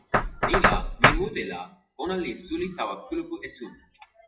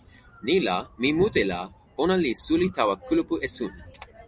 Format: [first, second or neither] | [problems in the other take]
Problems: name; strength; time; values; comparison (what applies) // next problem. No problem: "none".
second | noise reduction (classical method WPE with log-MMSE)